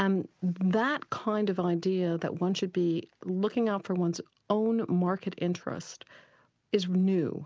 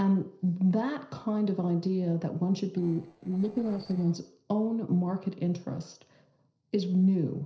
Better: first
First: none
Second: noise reduction (neural separator model SepFormer DNS4)

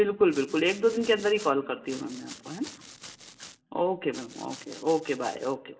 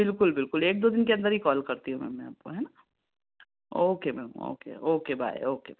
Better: second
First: background sound (Domestic sounds, home sounds); 19 dB below the speech // room echo; dies away in 2.6 s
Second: none

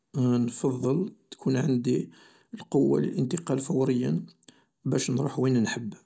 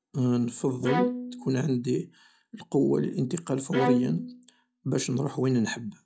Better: first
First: none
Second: noise reduction (classical method log-MMSE)

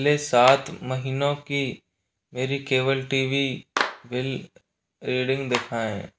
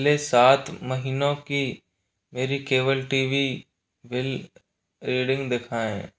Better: second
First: background sound (Clapping); 11 dB below the speech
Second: none

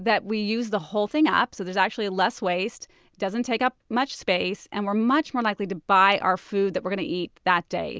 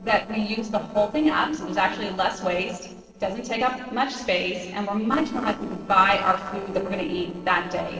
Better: first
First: none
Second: noise reduction (neural separator model SepFormer DNS4)

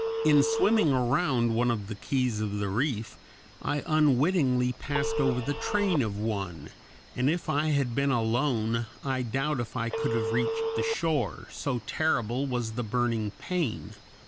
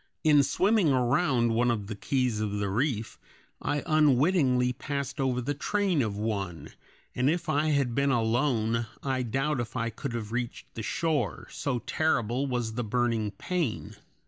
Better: second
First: background sound (Telephone); 9 dB below the speech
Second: none

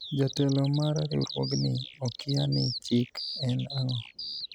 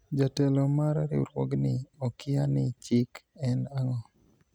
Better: second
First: noise reduction (neural mask model Resemble Enhance denoiser)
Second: none

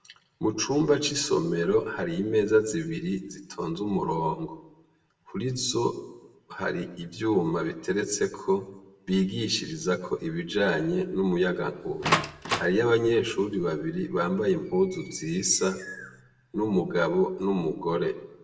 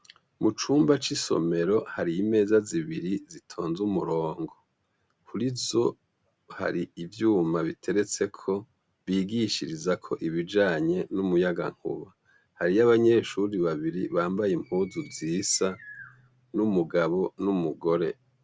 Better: second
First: background sound (Door); 4 dB below the speech // room echo; dies away in 0.8 s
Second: none

